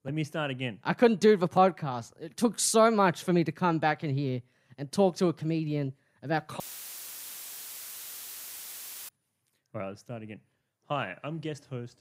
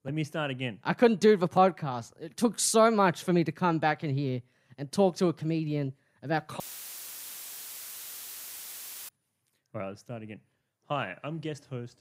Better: neither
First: audio cutting out; filled with static; at 6.5 s for 2.5 s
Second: audio cutting out; filled with static; at 6.5 s for 2.5 s

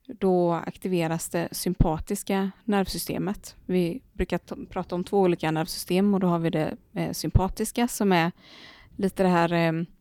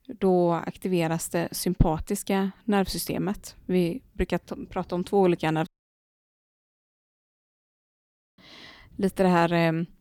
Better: first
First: none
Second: audio cutting out; at 5.5 s for 2.5 s

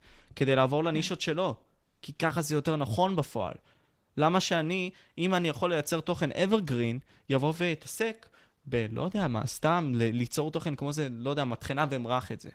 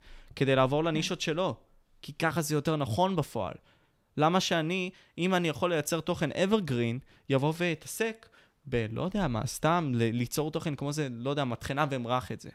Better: second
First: garbled, watery; slightly; nothing above 17 kHz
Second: none

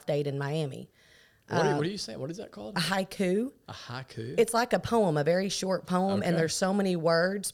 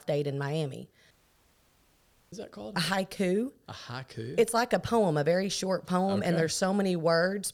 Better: first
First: none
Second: audio cutting out; at 1 s for 1 s

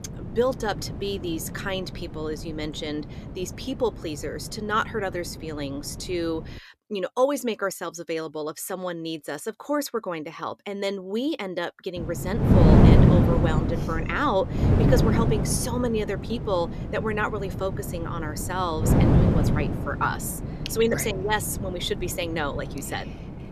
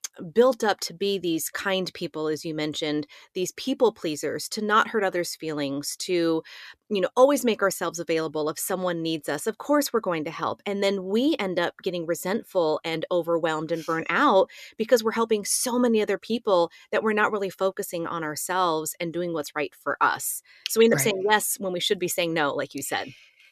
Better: second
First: wind noise on the microphone; heavy; until 6.5 s and from 12 s on; 2 dB below the speech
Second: none

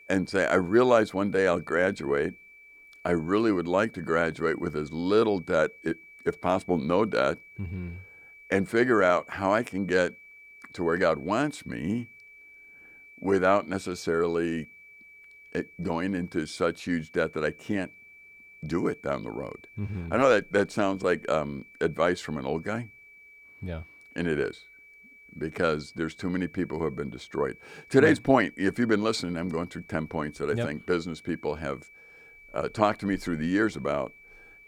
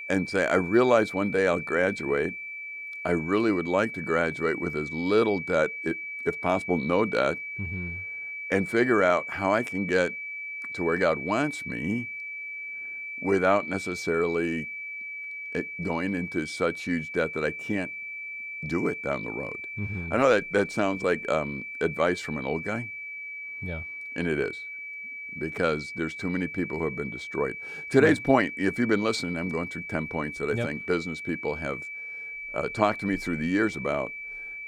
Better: first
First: high-pitched whine; faint; throughout; 2.5 kHz, 20 dB below the speech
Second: high-pitched whine; loud; throughout; 2.5 kHz, 7 dB below the speech

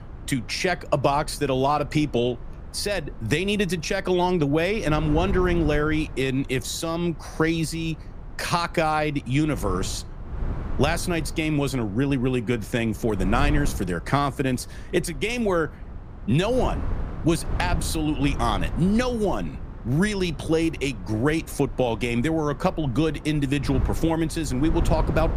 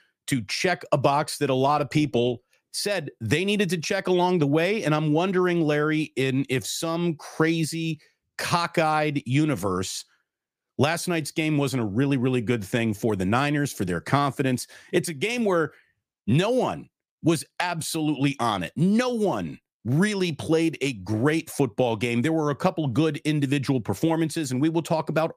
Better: second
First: wind noise on the microphone; occasional gusts; 15 dB below the speech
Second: none

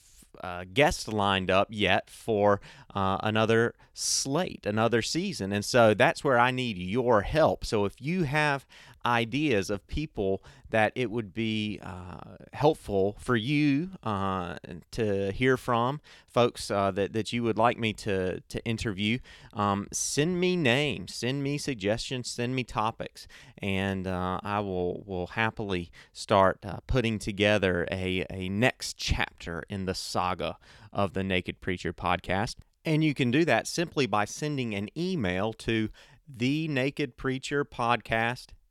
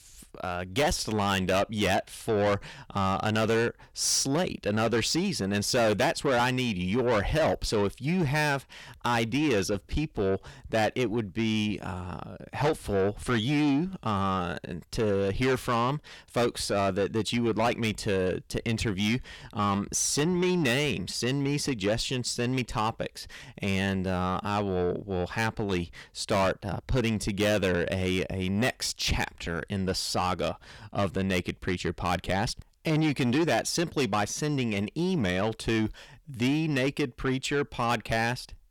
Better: first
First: none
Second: distortion; heavy; 7 dB below the speech

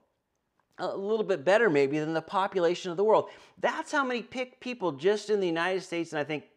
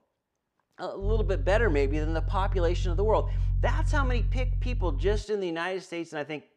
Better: first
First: none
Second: low rumble; very faint; from 1 to 5 s; 20 dB below the speech

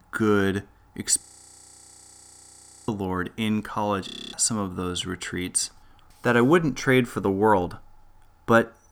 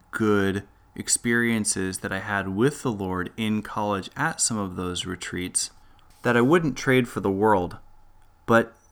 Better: second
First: audio freezing; at 1 s for 1.5 s and at 4 s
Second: none

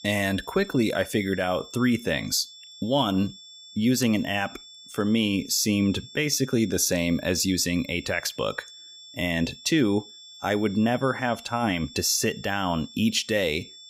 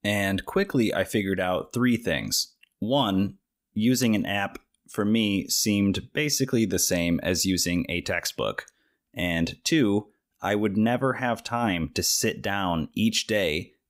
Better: second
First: high-pitched whine; noticeable; throughout; 3.5 kHz, 20 dB below the speech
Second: none

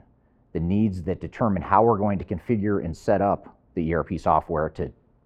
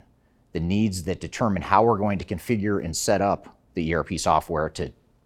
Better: second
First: muffled; very; fading above 3 kHz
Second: none

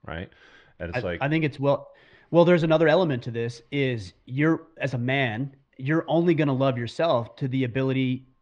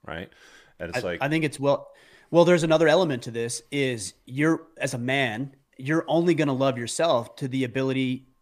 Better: second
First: muffled; slightly; fading above 4 kHz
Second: none

